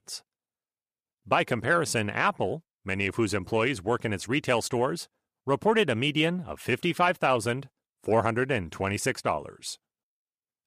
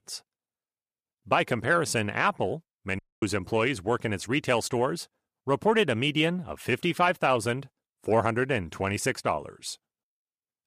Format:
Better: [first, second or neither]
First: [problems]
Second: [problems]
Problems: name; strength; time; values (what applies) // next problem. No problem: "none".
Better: first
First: none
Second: audio cutting out; at 3 s